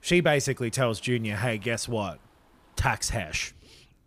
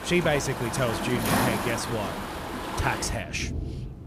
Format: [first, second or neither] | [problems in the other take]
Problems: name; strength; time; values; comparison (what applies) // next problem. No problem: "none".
first | rain or running water; loud; throughout; 2 dB below the speech; faint in the first